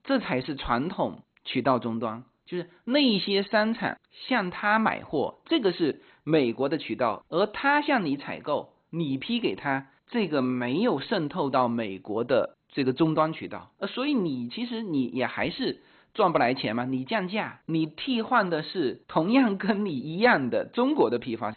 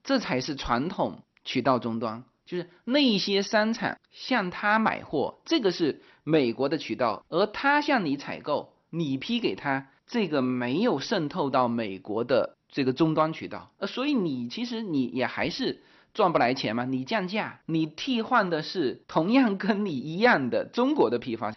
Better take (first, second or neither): second